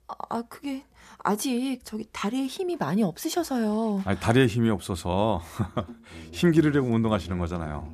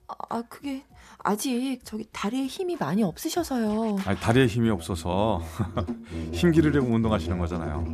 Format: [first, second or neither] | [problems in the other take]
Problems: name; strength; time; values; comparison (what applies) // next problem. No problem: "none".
first | background music; loud; throughout; 9 dB below the speech; faint in the first